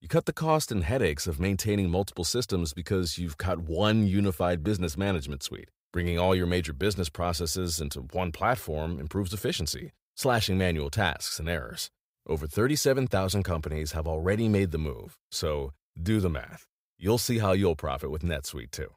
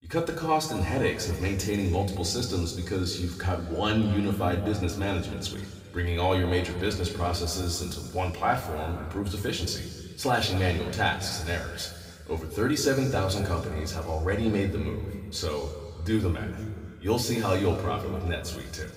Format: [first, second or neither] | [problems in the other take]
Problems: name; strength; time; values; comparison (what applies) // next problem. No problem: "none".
first | room echo; noticeable; dies away in 2 s // off-mic speech; far